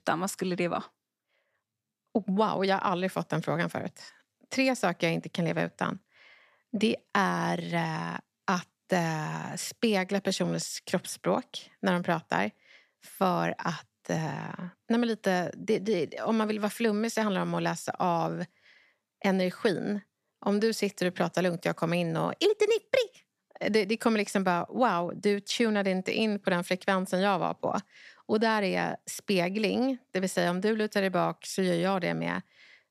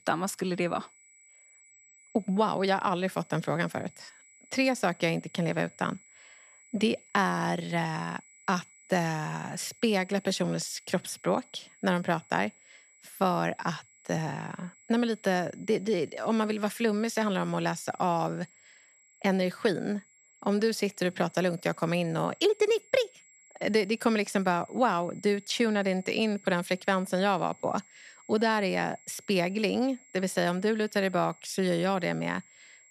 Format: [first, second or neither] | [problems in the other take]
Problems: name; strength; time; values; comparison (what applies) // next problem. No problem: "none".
first | high-pitched whine; faint; throughout; 7.5 kHz, 25 dB below the speech